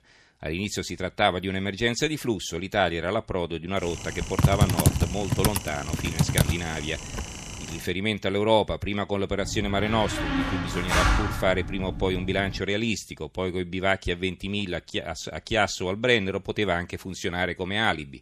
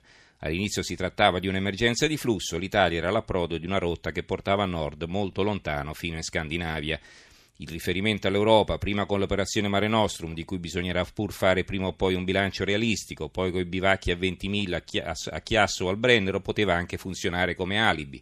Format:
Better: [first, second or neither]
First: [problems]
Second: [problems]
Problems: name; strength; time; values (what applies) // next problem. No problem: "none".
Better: second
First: keyboard typing; loud; from 4 to 7 s; peak 6 dB above the speech // door banging; loud; from 9.5 to 13 s; peak 5 dB above the speech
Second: none